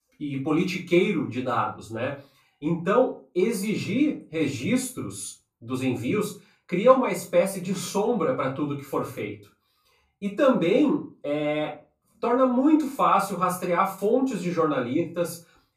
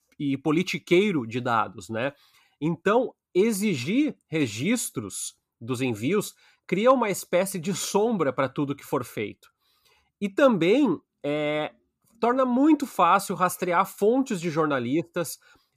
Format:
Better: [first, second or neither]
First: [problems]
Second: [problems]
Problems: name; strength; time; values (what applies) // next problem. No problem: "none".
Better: second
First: off-mic speech; far // room echo; slight; dies away in 0.3 s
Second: none